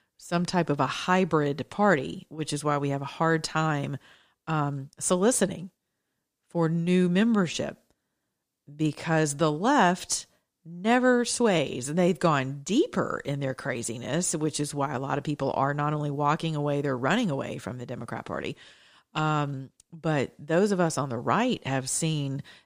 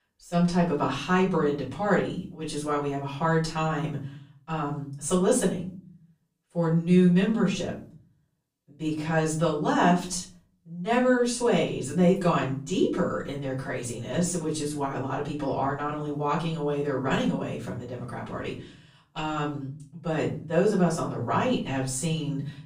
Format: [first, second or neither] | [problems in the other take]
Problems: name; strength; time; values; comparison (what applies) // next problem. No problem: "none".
first | off-mic speech; far // room echo; slight; dies away in 0.5 s